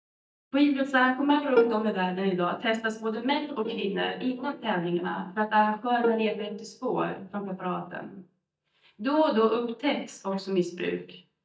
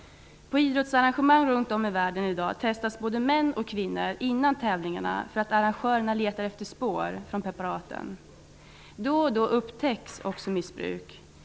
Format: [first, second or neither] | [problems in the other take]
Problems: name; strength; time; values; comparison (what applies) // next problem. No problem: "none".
second | noise reduction (neural mask model DeepFilterNet 3)